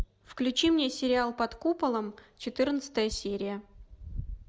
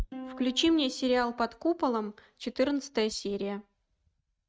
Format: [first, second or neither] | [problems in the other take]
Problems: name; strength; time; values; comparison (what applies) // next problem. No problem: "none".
first | noise reduction (neural mask model RNNoise)